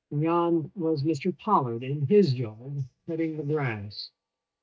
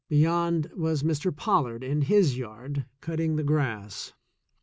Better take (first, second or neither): second